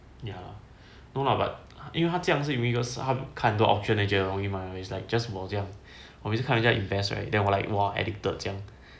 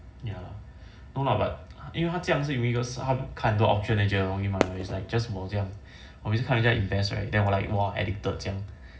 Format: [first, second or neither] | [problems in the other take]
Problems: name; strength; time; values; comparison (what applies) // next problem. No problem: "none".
first | background sound (Fireworks); 7 dB below the speech // room echo; dies away in 0.4 s